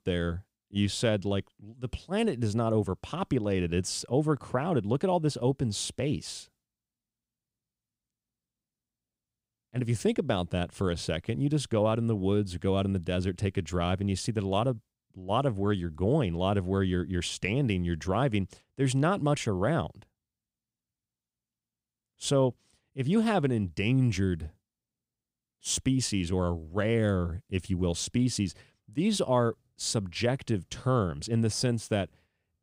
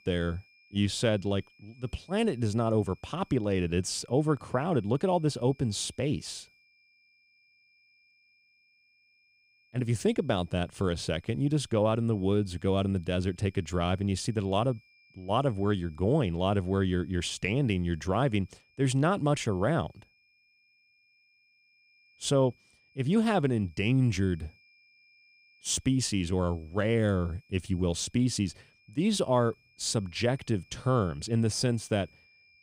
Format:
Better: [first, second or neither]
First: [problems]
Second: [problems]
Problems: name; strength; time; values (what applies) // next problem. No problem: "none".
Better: first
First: none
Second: high-pitched whine; faint; throughout; 2.5 kHz, 35 dB below the speech